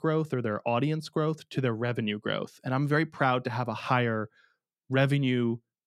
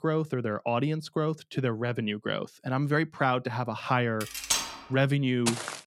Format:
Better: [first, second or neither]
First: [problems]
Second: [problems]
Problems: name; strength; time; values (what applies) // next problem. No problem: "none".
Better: first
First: none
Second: clattering dishes; loud; at 4 s; peak 2 dB above the speech // footsteps; noticeable; at 5.5 s; peak 3 dB below the speech